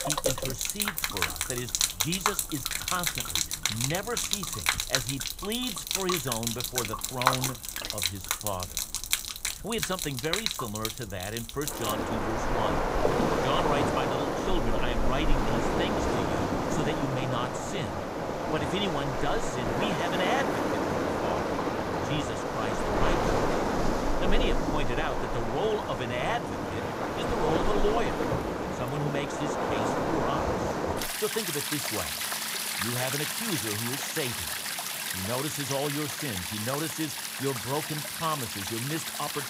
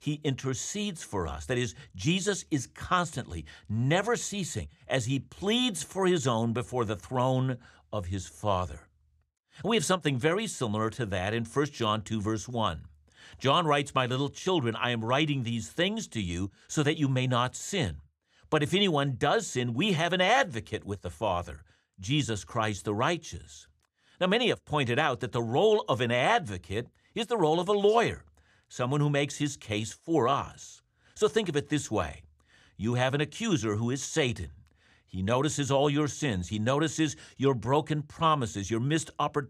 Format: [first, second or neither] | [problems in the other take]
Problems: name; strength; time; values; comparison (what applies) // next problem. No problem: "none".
second | rain or running water; very loud; throughout; 4 dB above the speech